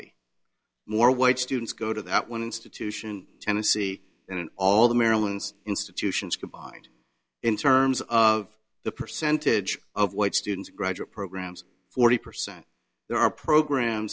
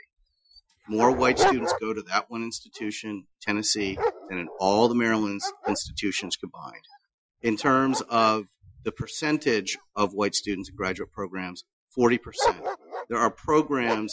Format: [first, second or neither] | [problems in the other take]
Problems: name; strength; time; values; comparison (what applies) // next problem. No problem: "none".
first | noise reduction (classical method Wiener filter)